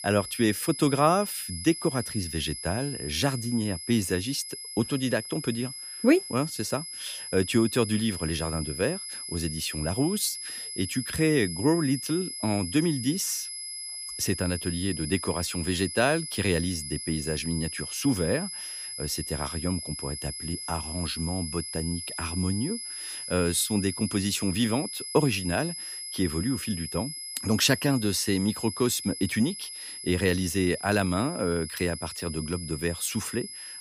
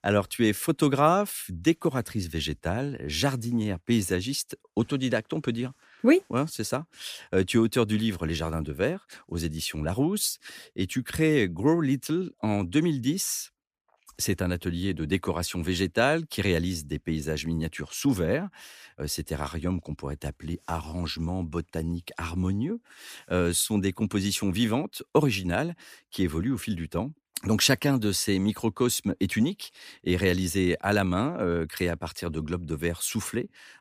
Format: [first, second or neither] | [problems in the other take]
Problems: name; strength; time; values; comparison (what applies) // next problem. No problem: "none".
second | high-pitched whine; loud; throughout; 5 kHz, 7 dB below the speech